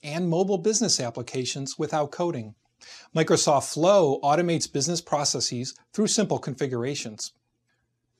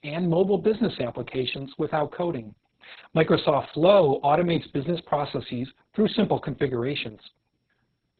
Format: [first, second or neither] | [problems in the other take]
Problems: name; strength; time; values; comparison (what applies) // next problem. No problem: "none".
first | garbled, watery; badly; nothing above 4 kHz